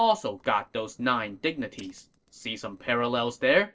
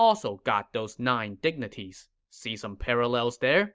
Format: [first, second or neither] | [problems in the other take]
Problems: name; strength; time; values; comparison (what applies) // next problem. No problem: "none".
second | noise reduction (neural separator model SepFormer DNS4)